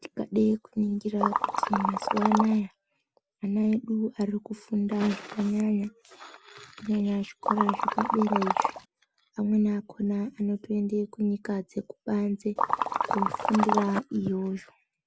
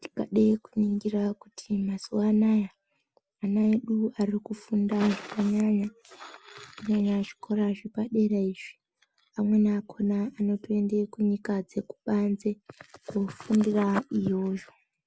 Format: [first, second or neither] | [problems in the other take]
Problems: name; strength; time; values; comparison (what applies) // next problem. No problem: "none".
second | background sound (Liquid); 1 dB above the speech